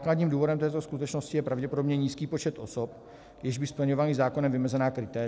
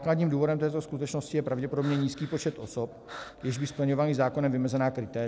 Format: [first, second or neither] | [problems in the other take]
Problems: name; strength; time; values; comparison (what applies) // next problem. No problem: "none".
first | background sound (Breathing); 19 dB below the speech